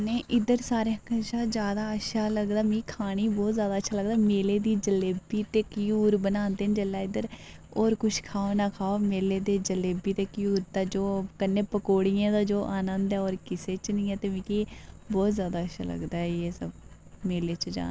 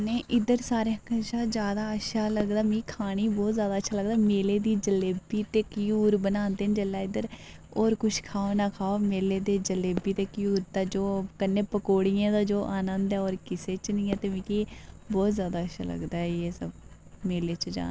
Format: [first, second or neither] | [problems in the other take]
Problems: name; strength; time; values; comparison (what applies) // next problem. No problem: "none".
first | background sound (Fireworks); 19 dB below the speech